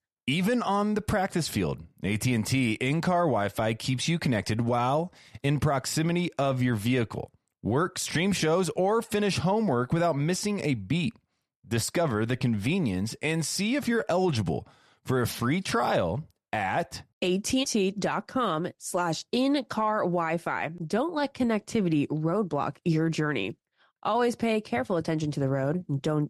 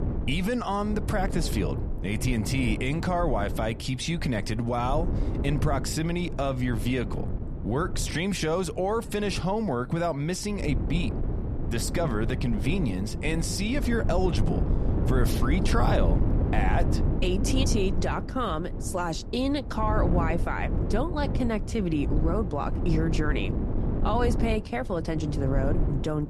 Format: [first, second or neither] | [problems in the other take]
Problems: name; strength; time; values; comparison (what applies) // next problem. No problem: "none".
first | wind noise on the microphone; heavy; 9 dB below the speech